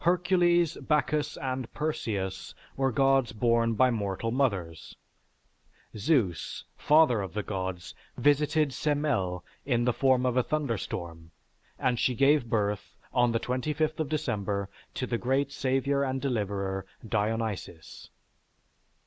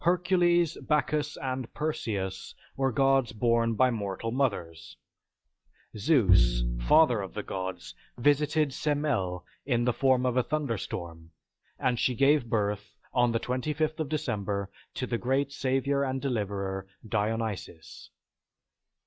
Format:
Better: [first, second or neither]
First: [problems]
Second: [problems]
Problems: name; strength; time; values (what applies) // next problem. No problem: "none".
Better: first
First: none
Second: noise reduction (classical method log-MMSE)